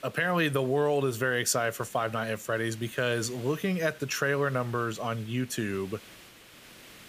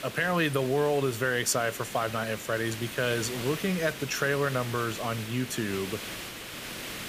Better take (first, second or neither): first